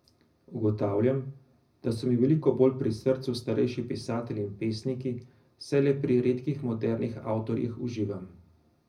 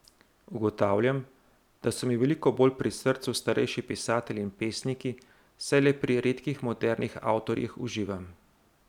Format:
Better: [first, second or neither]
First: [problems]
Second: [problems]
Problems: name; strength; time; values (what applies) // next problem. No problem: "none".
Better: second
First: room echo; dies away in 0.4 s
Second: none